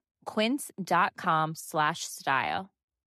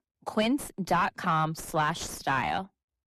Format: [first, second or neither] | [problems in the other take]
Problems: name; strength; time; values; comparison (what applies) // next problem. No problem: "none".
first | distortion; heavy; 7 dB below the speech